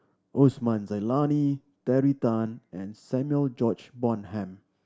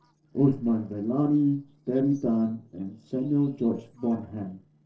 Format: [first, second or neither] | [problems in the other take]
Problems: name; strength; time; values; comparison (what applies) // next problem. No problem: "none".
first | noise reduction (neural separator model SepFormer DNS4)